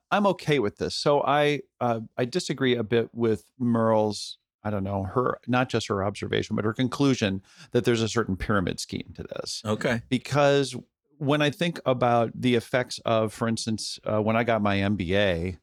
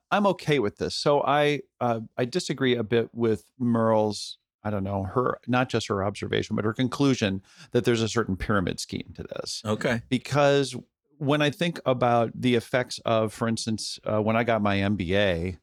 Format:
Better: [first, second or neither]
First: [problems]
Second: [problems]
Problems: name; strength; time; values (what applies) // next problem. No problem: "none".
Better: neither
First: none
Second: none